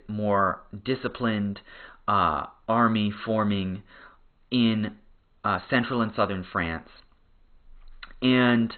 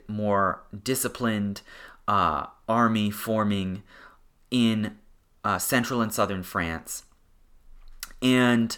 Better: second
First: garbled, watery; badly; nothing above 4 kHz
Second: none

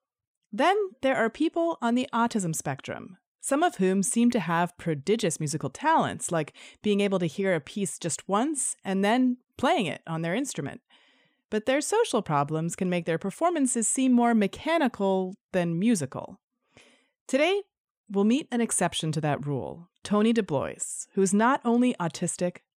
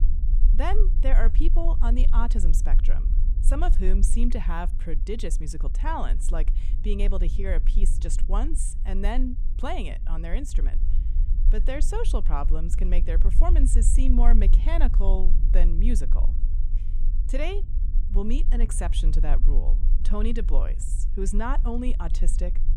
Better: first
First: none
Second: low rumble; noticeable; throughout; 15 dB below the speech

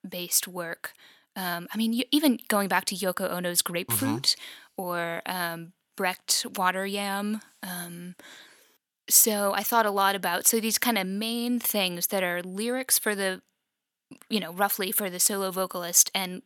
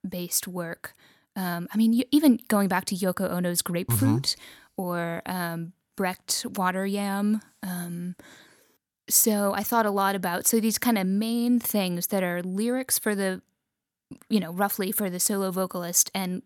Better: second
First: thin; very slightly; fading below 500 Hz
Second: none

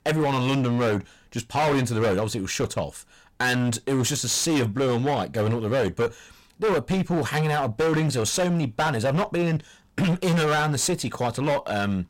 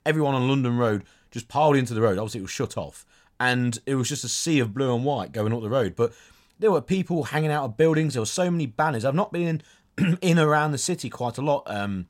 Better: second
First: distortion; heavy; 22% of the sound clipped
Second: none

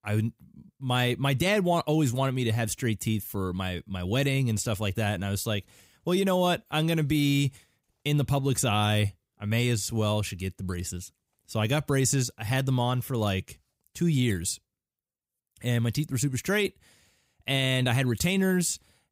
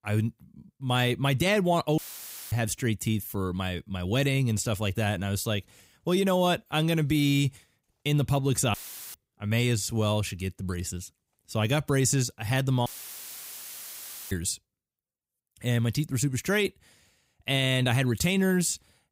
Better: first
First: none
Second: audio cutting out; filled with static; at 2 s for 0.5 s, at 8.5 s and at 13 s for 1.5 s

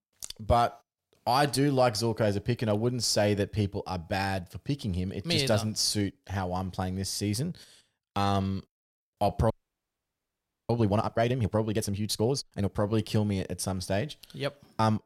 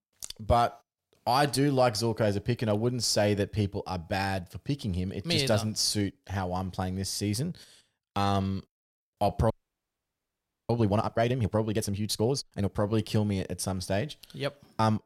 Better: neither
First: audio freezing; at 9.5 s for 1 s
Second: audio freezing; at 9.5 s for 1 s

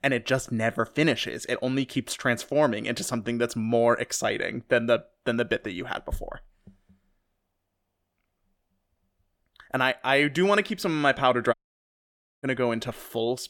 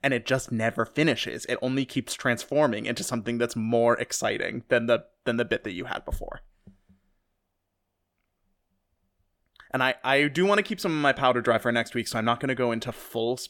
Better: second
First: audio cutting out; at 12 s for 1 s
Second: none

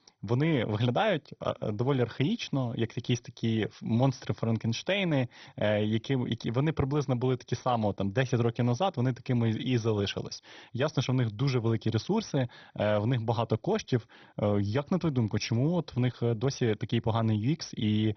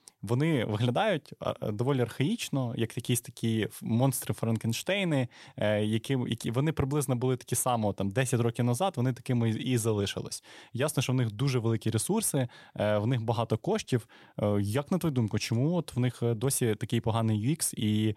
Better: second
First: garbled, watery; badly; nothing above 6 kHz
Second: none

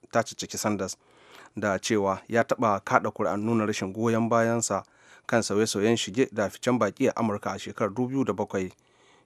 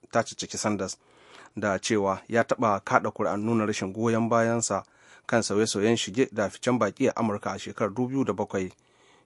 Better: first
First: none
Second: garbled, watery; slightly; nothing above 11 kHz

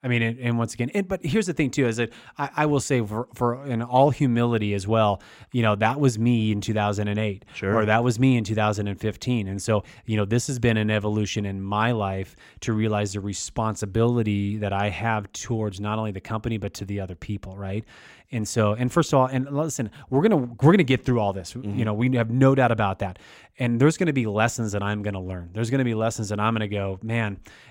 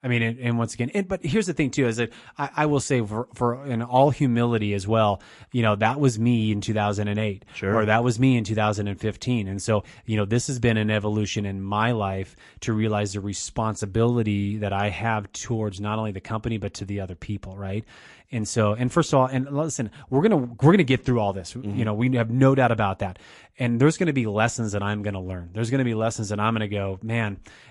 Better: first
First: none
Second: garbled, watery; slightly; nothing above 11 kHz

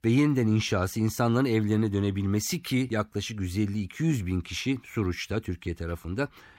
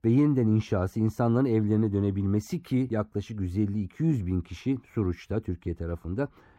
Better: first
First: none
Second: muffled; slightly; fading above 1.5 kHz

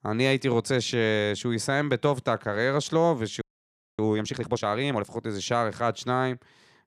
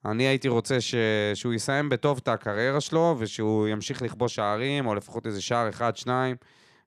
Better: second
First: audio freezing; at 3.5 s for 0.5 s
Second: none

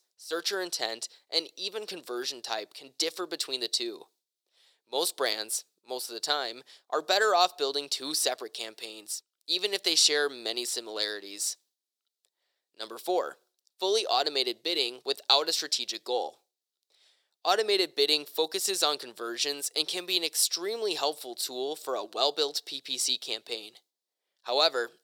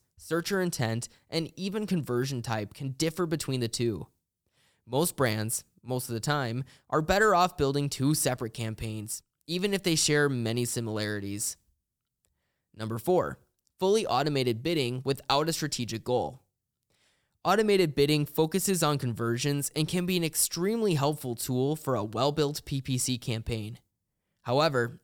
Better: second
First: thin; very; fading below 400 Hz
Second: none

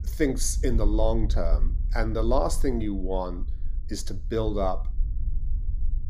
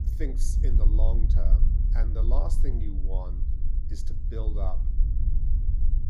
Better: first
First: low rumble; faint; throughout; 25 dB below the speech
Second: low rumble; loud; throughout; 6 dB below the speech

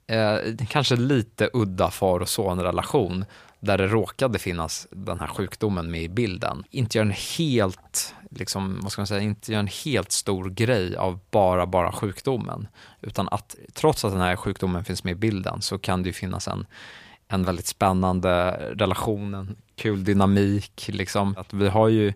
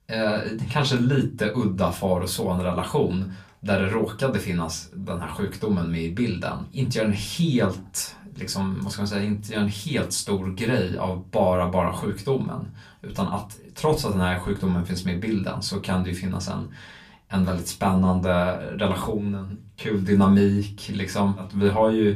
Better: first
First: none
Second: off-mic speech; far // room echo; very slight; dies away in 0.2 s

